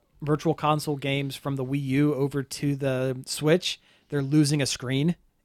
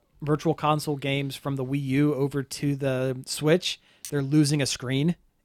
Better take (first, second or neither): first